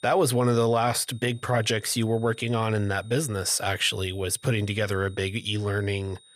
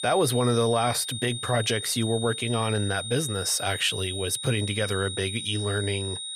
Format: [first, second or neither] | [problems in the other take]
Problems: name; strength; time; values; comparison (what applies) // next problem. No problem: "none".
first | high-pitched whine; loud; throughout; 4 kHz, 6 dB below the speech; faint in the first